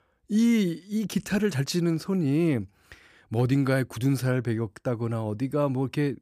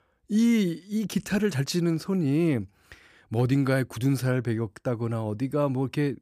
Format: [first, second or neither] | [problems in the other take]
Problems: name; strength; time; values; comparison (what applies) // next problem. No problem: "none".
neither | none